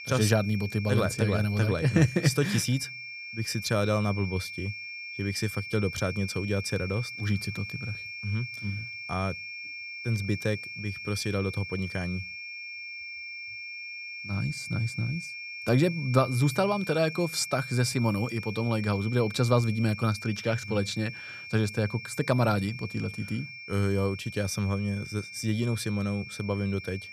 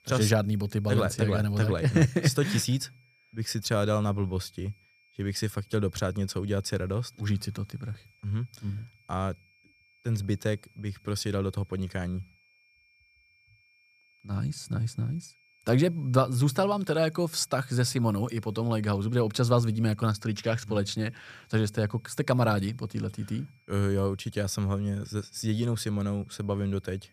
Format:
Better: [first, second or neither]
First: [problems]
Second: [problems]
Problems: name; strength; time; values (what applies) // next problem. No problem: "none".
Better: second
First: high-pitched whine; loud; throughout; 2.5 kHz, 9 dB below the speech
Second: high-pitched whine; faint; throughout; 2.5 kHz, 35 dB below the speech